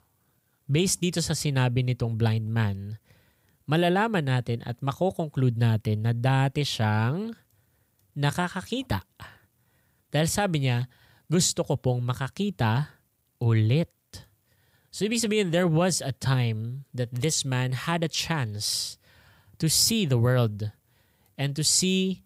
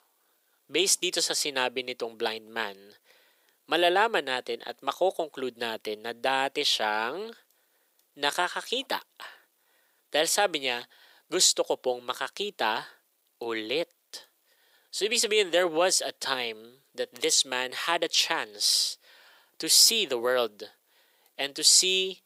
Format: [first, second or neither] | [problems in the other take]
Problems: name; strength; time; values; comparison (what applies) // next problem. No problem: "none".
first | thin; very; fading below 350 Hz